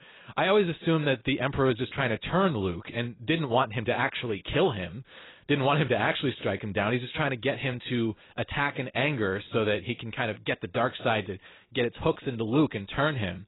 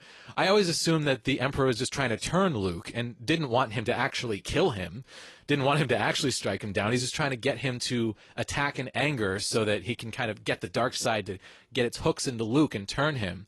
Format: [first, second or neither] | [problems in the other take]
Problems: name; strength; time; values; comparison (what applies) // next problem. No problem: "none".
second | garbled, watery; badly; nothing above 4 kHz; slightly in the second